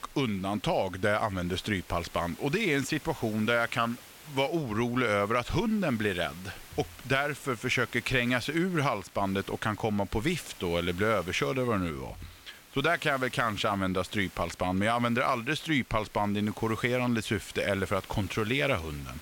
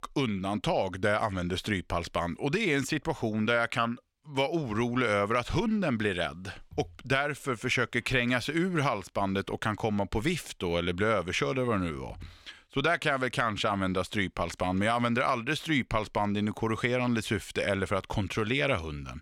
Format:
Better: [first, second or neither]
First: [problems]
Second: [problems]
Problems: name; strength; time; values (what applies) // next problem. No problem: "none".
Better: second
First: hiss; noticeable; throughout; 20 dB below the speech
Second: none